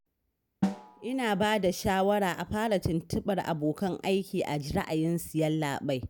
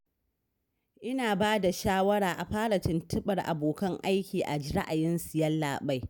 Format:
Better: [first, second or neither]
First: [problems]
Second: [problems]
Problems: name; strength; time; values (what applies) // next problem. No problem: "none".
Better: second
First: background sound (Snare drum); 11 dB below the speech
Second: none